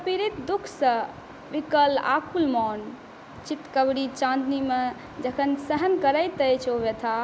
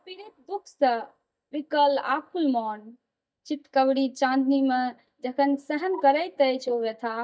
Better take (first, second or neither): first